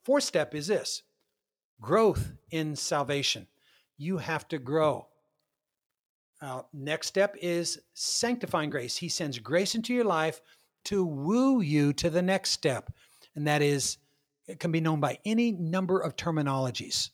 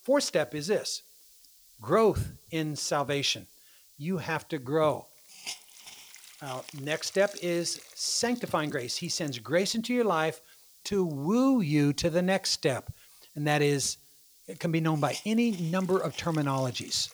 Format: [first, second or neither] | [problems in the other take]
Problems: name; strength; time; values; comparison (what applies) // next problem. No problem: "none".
first | hiss; noticeable; throughout; 20 dB below the speech